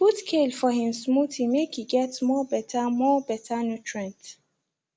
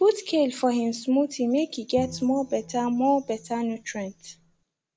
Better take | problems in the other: first | background sound (Bowed string instrument); 20 dB below the speech

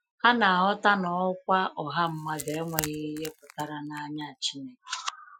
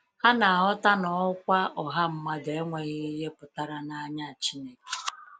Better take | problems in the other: second | noise reduction (classical method Wiener filter)

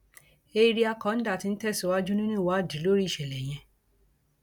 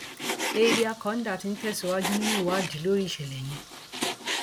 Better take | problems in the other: first | background sound (Frying (food)); 4 dB below the speech

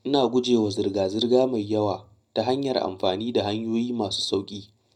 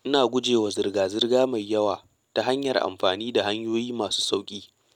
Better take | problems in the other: second | room echo; dies away in 0.3 s

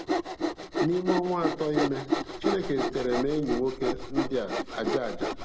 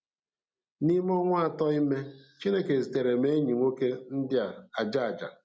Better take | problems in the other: second | background sound (Sawing); 1 dB below the speech

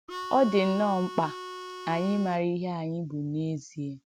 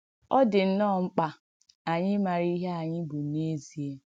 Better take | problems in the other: second | background sound (Harmonica); 10 dB below the speech

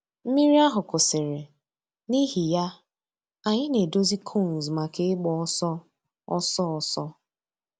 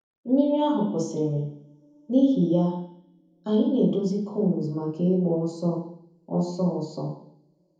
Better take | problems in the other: first | room echo; dies away in 0.7 s

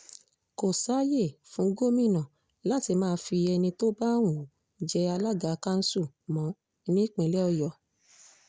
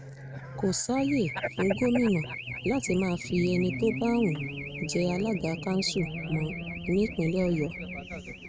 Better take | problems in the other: first | noise reduction (neural mask model RNNoise)

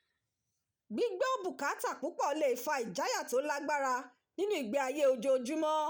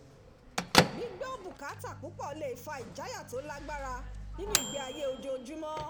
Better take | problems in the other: first | background sound (Microwave oven / Bell); 5 dB above the speech

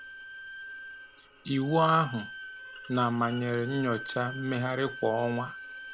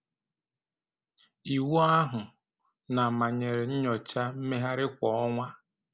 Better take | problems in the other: second | background sound (Bowed string instrument); 12 dB below the speech

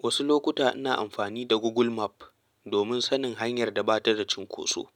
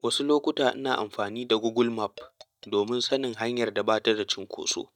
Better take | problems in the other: first | noise reduction (neural mask model DeepFilterNet 3)

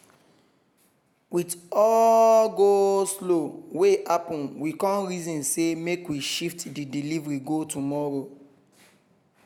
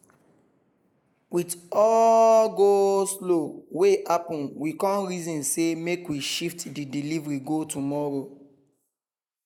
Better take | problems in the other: first | noise reduction (neural mask model Resemble Enhance denoiser)

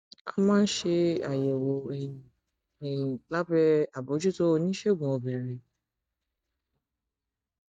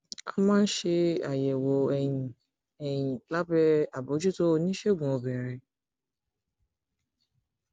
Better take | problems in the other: second | noise reduction (neural mask model DeepFilterNet 3)

